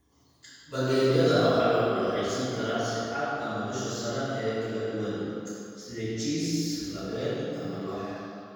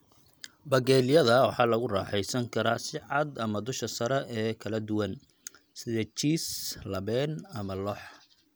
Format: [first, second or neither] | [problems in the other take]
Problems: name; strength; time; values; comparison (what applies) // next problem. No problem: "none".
second | room echo; dies away in 2.1 s